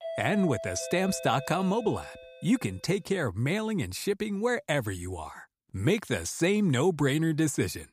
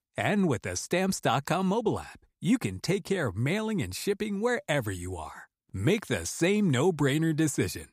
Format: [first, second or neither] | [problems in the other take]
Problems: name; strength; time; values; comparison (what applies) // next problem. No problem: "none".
second | doorbell; noticeable; until 2.5 s; peak 8 dB below the speech